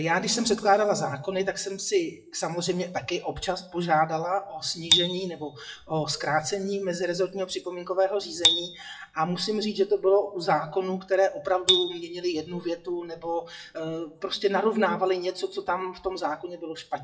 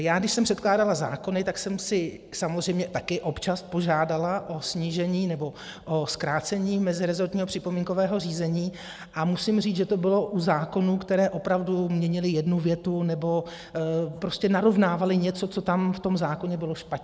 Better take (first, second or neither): second